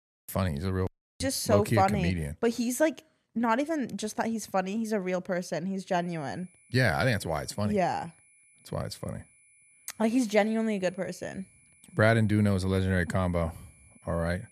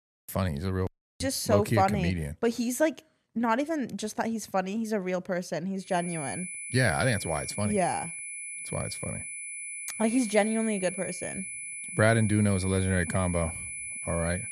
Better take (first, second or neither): first